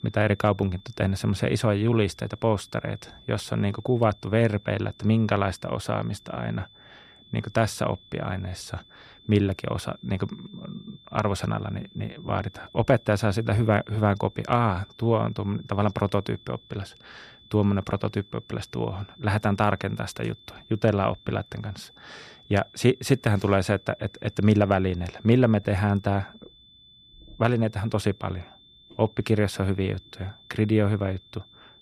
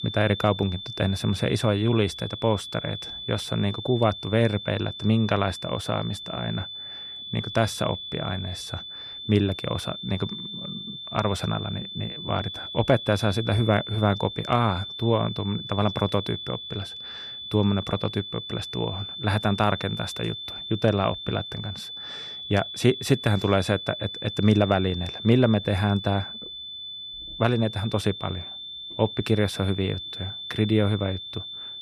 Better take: first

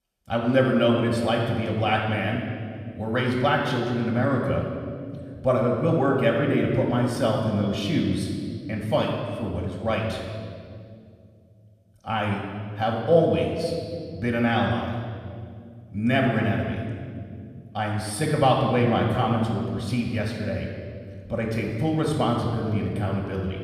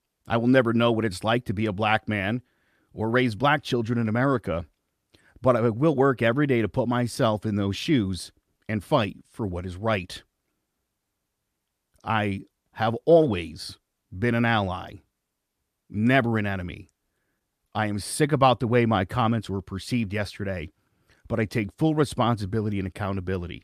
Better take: second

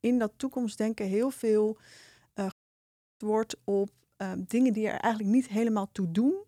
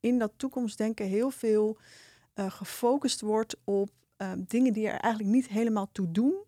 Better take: second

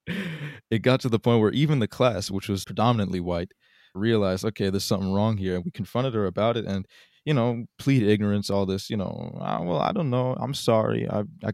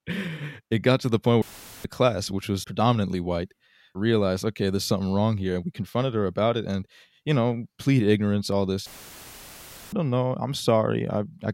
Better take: first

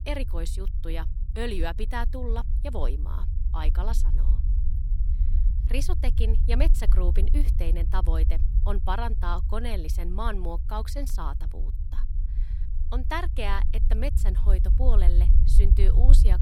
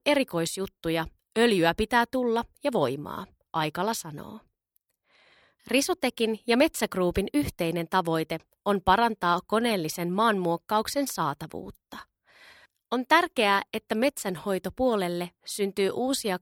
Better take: second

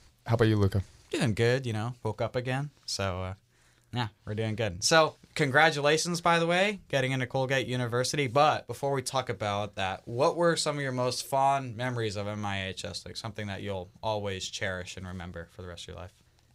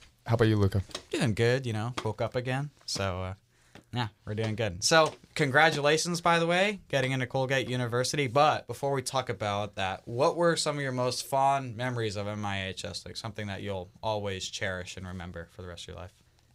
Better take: first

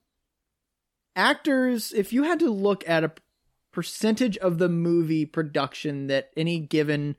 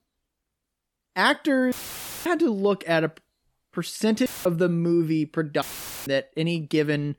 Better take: first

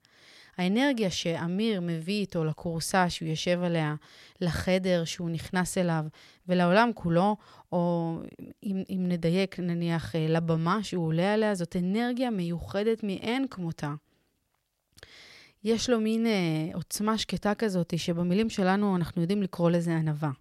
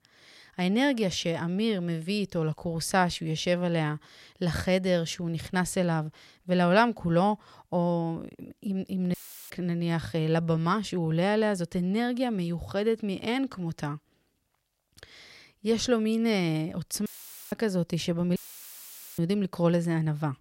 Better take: first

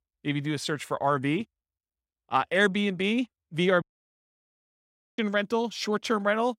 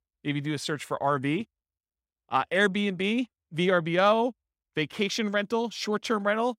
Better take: second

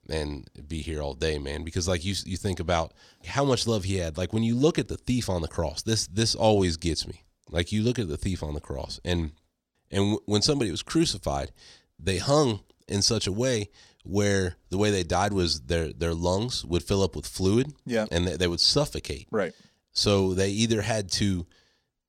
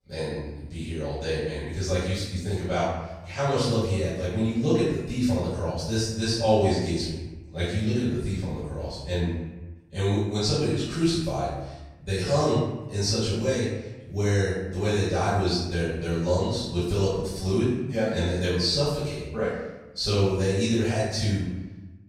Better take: first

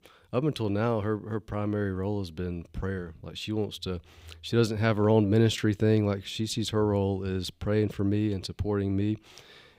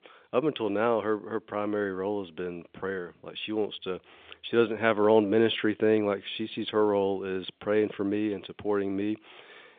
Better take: first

